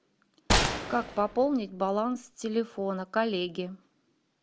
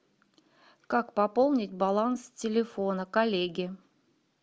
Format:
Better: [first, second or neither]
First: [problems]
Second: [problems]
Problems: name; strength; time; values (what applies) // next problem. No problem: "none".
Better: second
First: background sound (Gunshot, gunfire); as loud as the speech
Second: none